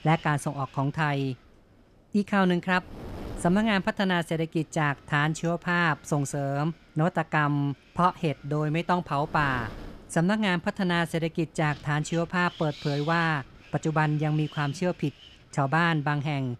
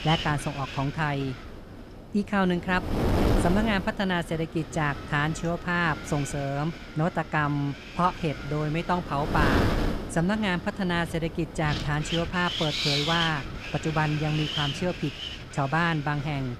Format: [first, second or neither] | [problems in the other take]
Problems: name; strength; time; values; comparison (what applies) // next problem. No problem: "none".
first | wind noise on the microphone; heavy; 4 dB below the speech; occasional gusts in the first